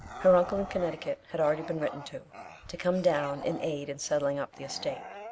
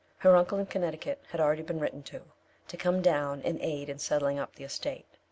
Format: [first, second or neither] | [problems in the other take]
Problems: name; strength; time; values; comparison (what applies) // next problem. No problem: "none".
second | background sound (Bark / Growling); 14 dB below the speech